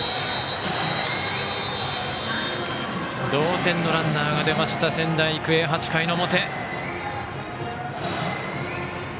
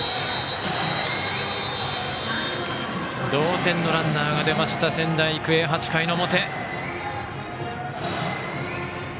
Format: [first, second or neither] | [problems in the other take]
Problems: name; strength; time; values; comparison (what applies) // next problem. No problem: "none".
second | background sound (Wind); 16 dB below the speech